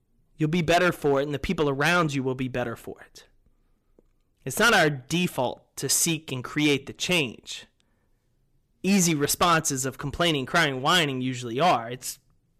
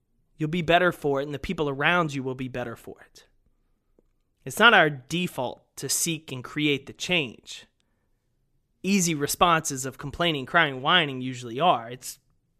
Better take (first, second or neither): second